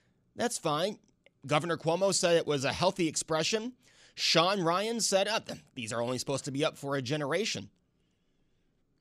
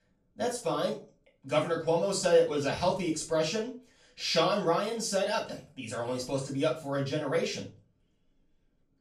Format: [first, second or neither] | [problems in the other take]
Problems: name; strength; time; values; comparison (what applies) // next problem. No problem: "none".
first | off-mic speech; far // room echo; slight; dies away in 0.3 s